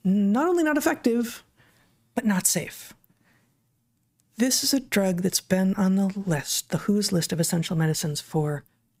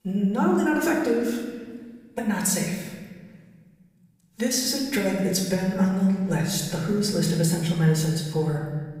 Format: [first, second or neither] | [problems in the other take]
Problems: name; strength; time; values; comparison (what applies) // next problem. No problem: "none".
first | off-mic speech; far // room echo; noticeable; dies away in 1.5 s